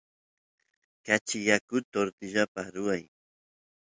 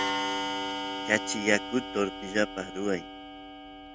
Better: first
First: none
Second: background sound (Clock); 3 dB below the speech

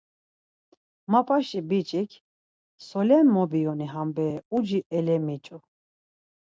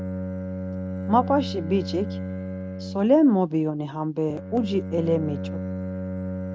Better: first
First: none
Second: background sound (Bowed string instrument); 7 dB below the speech

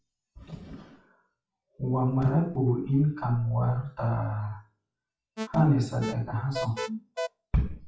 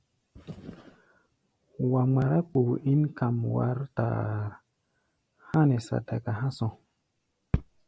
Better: second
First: noise reduction (classical method WPE with log-MMSE)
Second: none

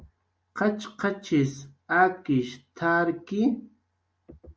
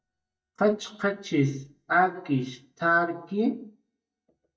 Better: first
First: none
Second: noise reduction (neural mask model DeepFilterNet 3)

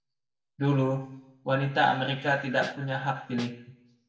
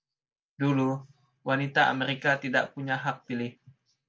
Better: second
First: background sound (Snare drum); 12 dB below the speech // room echo; dies away in 0.8 s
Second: none

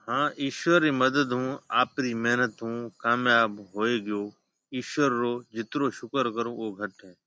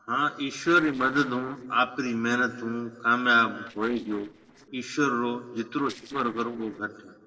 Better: first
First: none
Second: noise reduction (neural separator model SepFormer DNS4)

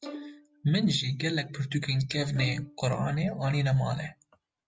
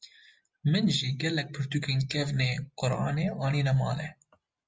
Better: second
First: background sound (Bowed string instrument); 19 dB below the speech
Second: none

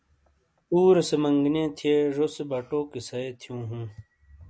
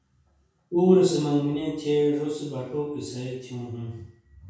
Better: first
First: none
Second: room echo; dies away in 0.6 s

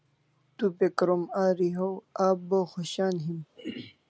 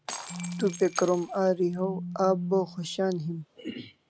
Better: first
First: none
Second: background sound (Shatter + Telephone); 10 dB below the speech

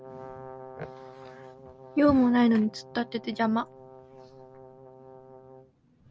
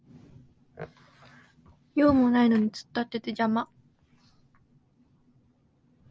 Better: second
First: background sound (Brass instrument); 18 dB below the speech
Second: none

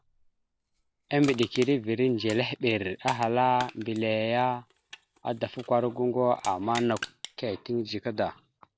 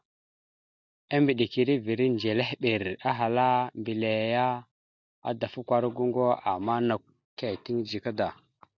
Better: second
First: background sound (Crushing); 18 dB below the speech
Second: none

